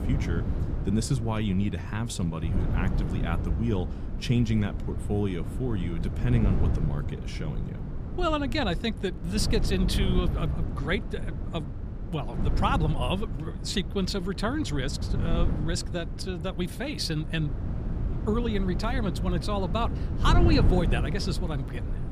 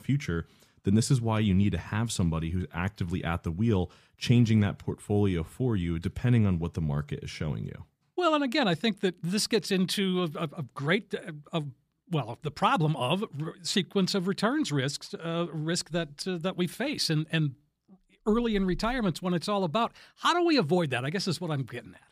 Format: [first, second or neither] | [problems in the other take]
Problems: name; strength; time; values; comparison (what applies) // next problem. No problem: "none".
second | wind noise on the microphone; heavy; 9 dB below the speech